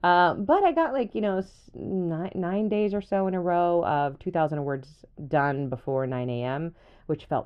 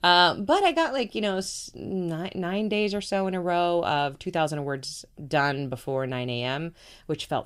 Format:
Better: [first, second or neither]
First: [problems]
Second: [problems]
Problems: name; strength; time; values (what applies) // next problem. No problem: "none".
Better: second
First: muffled; very; fading above 3 kHz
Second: none